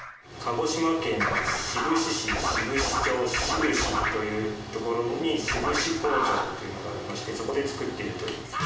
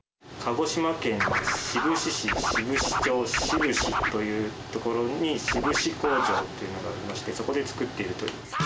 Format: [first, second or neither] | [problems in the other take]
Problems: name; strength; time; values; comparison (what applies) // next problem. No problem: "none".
second | room echo; dies away in 0.7 s